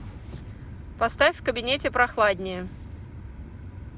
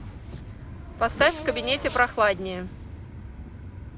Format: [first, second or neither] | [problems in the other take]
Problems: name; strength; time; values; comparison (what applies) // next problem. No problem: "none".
first | background sound (Race car, auto racing / Accelerating, revving, vroom); 14 dB below the speech